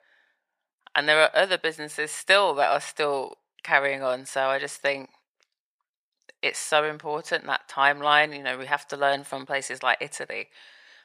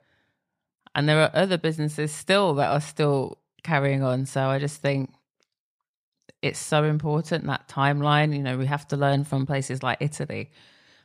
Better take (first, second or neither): second